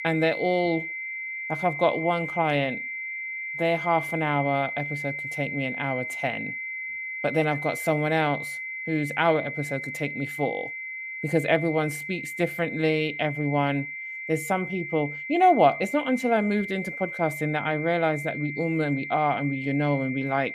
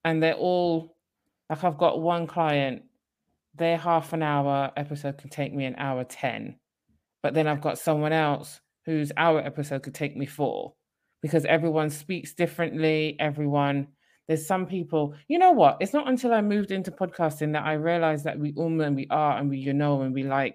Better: second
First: high-pitched whine; loud; throughout; 2 kHz, 6 dB below the speech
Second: none

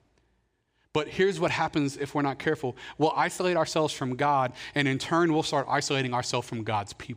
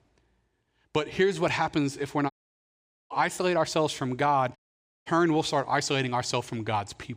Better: first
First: none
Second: audio cutting out; at 2.5 s for 1 s and at 4.5 s for 0.5 s

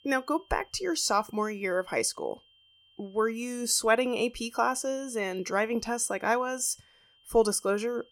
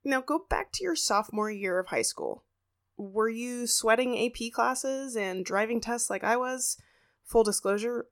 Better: second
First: high-pitched whine; faint; throughout; 3 kHz, 30 dB below the speech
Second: none

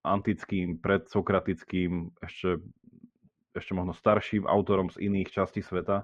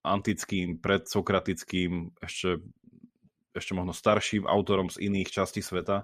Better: second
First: muffled; very; fading above 2 kHz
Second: none

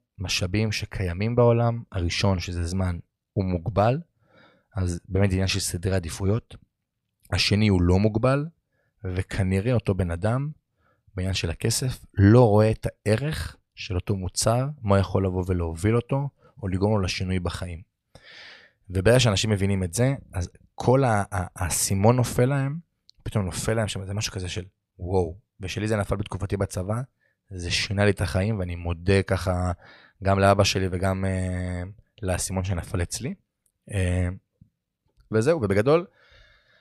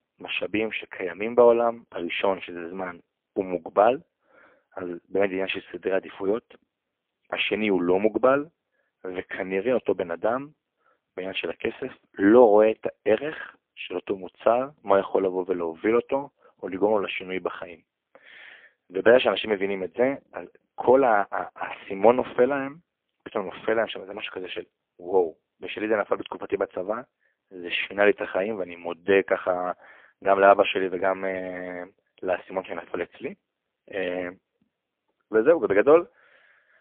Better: first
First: none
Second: phone-call audio; poor line; nothing above 3.5 kHz

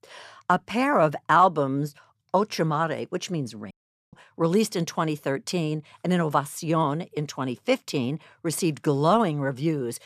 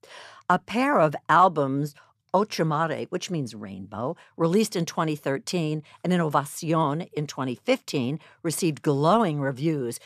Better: second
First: audio cutting out; at 3.5 s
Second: none

